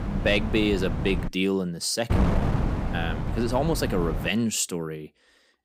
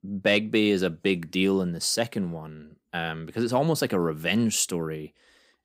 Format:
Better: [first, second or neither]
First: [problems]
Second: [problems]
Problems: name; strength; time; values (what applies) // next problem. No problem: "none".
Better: second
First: wind noise on the microphone; heavy; until 1.5 s and from 2 to 4.5 s; 7 dB below the speech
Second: none